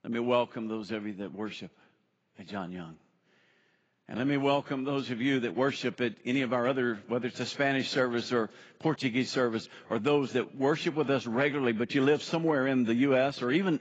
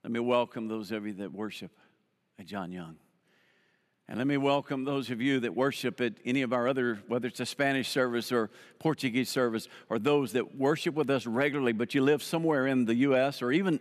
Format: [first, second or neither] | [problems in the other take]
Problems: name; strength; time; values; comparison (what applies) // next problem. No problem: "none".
second | garbled, watery; badly; nothing above 7.5 kHz